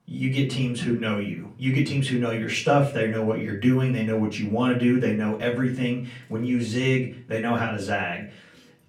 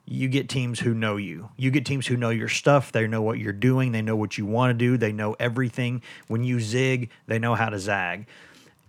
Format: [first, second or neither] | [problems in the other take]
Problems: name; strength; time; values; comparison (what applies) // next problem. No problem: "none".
second | off-mic speech; far // room echo; slight; dies away in 0.3 s